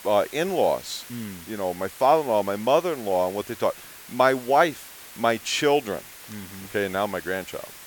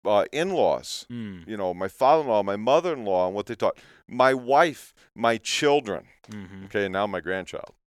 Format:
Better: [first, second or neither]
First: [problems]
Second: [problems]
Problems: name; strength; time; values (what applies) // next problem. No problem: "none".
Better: second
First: hiss; noticeable; throughout; 15 dB below the speech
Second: none